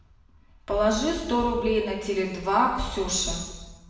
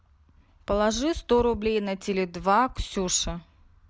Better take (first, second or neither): second